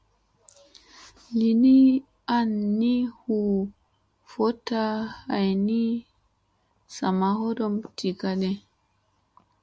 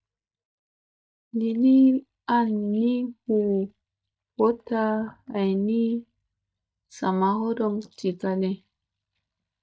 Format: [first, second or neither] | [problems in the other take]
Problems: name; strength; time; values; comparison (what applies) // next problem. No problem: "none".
first | noise reduction (neural mask model DeepFilterNet 3)